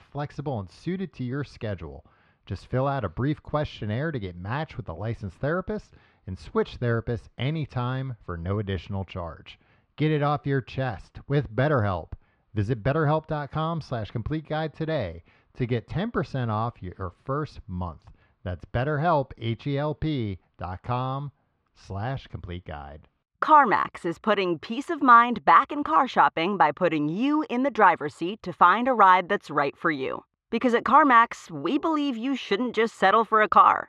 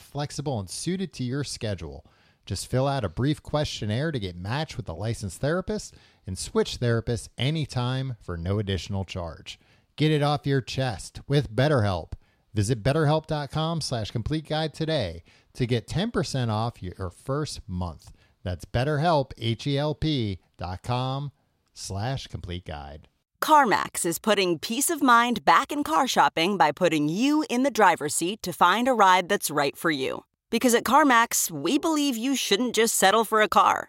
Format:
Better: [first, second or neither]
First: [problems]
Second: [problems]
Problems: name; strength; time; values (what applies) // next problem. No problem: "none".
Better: second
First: muffled; very; fading above 2 kHz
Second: none